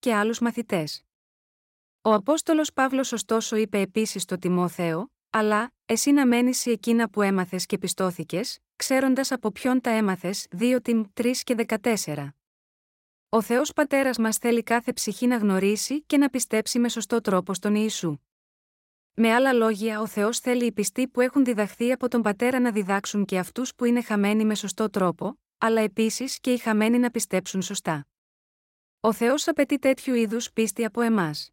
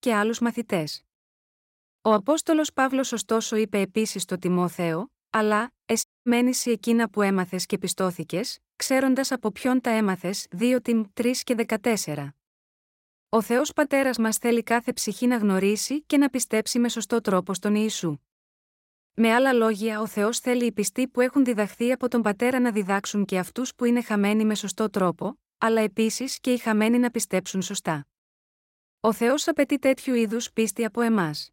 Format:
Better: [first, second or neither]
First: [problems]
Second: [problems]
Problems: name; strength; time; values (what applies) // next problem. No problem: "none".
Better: first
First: none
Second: audio cutting out; at 6 s